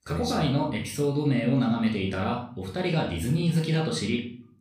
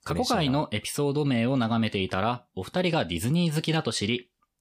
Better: second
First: off-mic speech; somewhat distant // room echo; slight; dies away in 0.4 s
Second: none

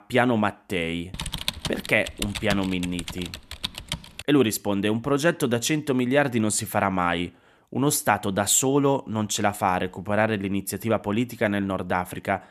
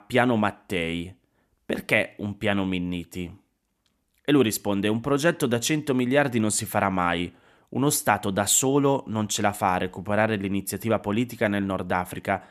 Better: second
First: keyboard typing; noticeable; from 1 to 4 s; peak 5 dB below the speech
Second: none

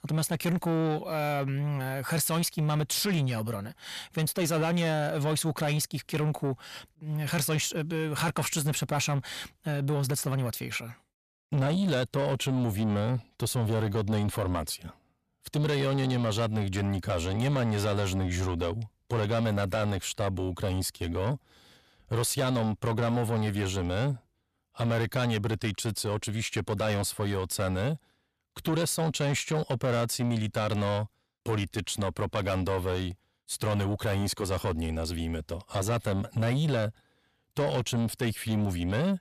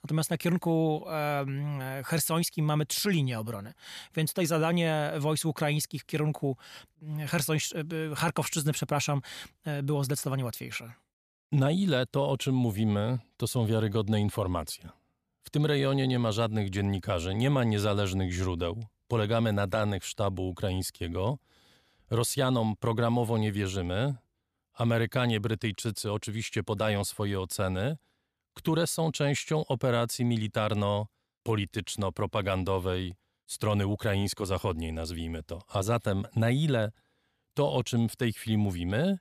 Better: second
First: distortion; slight; 10 dB below the speech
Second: none

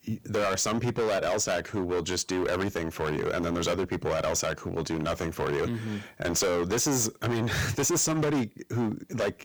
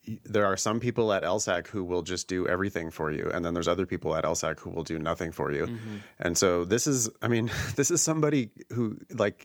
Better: second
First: distortion; heavy; 19% of the sound clipped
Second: none

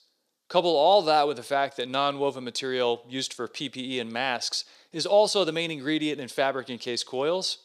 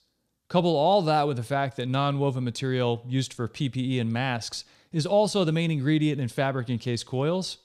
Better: second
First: thin; somewhat; fading below 450 Hz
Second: none

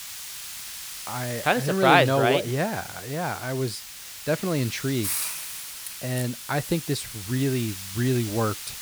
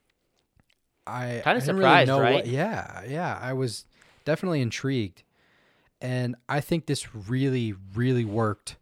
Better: second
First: hiss; loud; throughout; 8 dB below the speech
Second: none

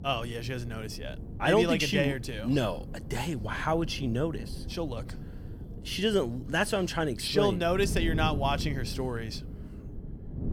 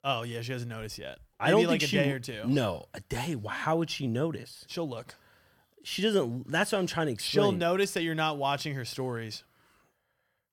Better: second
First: wind noise on the microphone; occasional gusts; 20 dB below the speech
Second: none

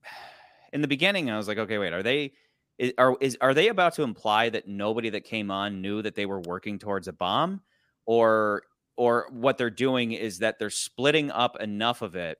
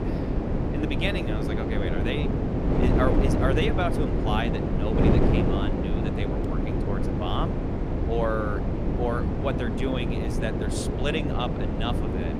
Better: first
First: none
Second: wind noise on the microphone; heavy; as loud as the speech

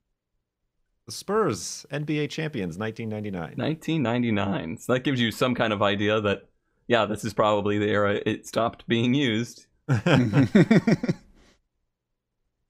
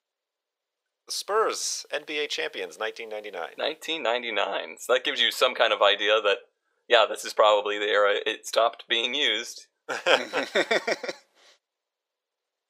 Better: first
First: none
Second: thin; very; fading below 500 Hz

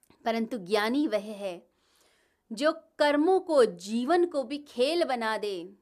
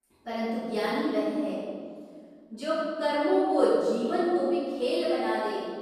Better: first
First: none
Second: room echo; strong; dies away in 1.8 s // off-mic speech; far

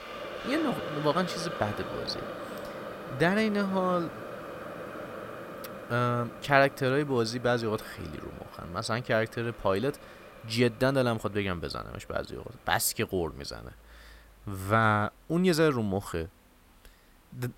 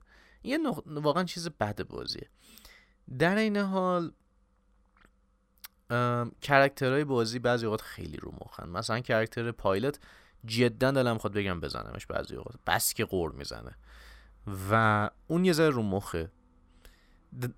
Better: second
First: hiss; noticeable; throughout; 10 dB below the speech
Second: none

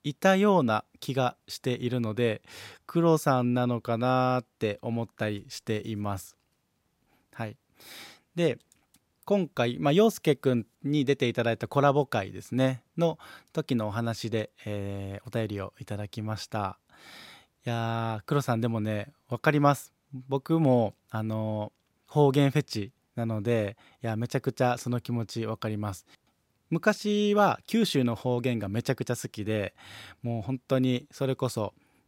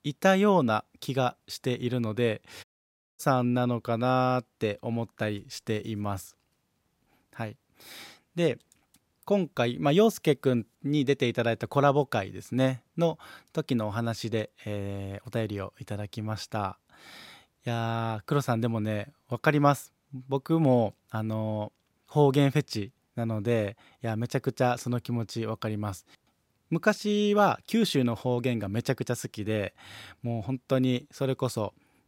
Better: first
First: none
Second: audio cutting out; at 2.5 s for 0.5 s

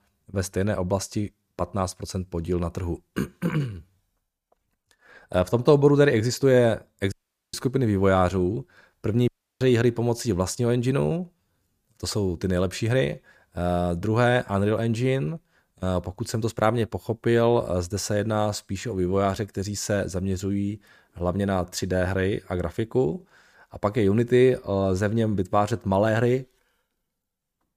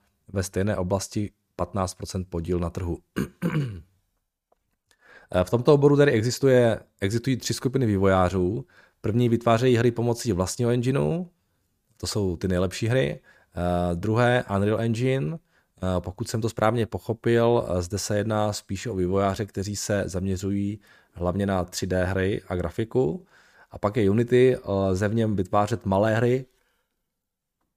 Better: second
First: audio cutting out; at 7 s and at 9.5 s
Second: none

